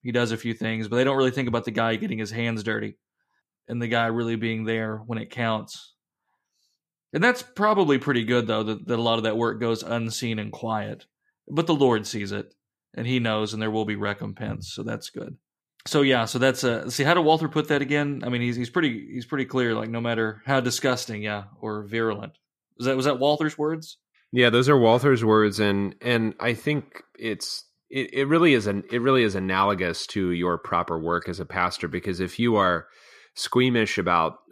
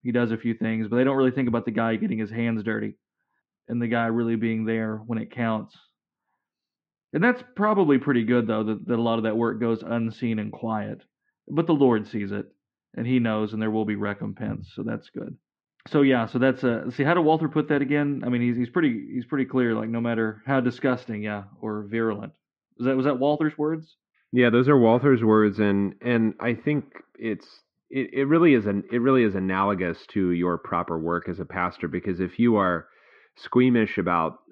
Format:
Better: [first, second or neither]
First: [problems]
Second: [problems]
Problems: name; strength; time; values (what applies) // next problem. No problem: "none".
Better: first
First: none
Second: muffled; very; fading above 2.5 kHz